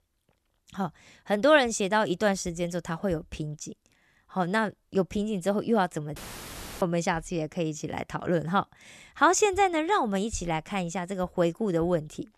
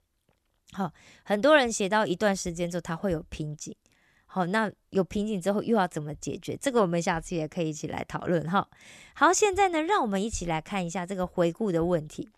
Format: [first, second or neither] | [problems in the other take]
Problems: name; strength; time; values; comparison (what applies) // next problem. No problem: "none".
second | audio cutting out; filled with static; at 6 s for 0.5 s